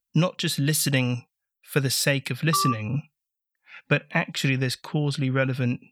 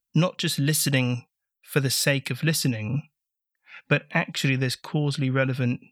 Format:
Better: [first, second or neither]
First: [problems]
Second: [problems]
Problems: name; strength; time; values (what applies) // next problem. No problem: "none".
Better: second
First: phone ringing; noticeable; at 2.5 s; peak 2 dB below the speech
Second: none